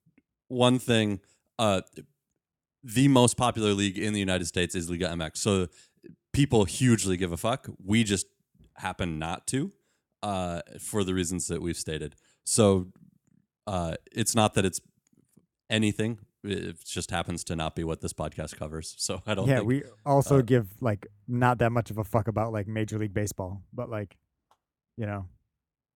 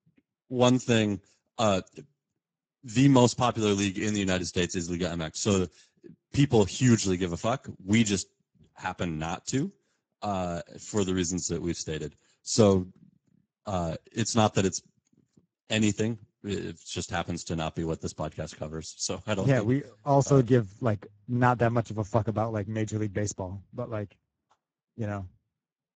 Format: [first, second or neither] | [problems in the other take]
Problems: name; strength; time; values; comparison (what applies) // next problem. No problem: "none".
first | garbled, watery; badly; nothing above 7.5 kHz